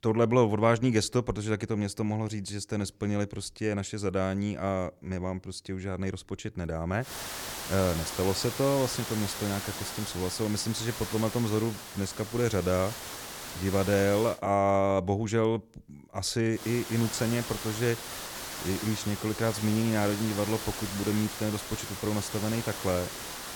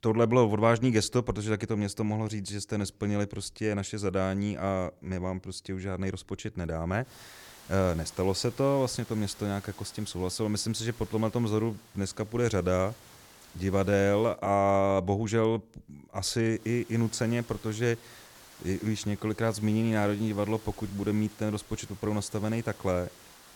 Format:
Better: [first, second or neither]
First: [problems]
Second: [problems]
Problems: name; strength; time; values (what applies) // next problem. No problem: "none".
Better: second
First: hiss; loud; from 7 to 14 s and from 17 s on; 7 dB below the speech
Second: hiss; faint; from 7 to 14 s and from 17 s on; 20 dB below the speech